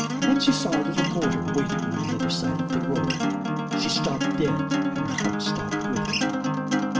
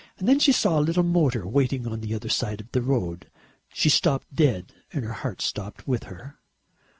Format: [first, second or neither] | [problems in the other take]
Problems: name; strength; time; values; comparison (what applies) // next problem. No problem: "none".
second | background sound (Acoustic guitar); 4 dB above the speech // room echo; dies away in 0.7 s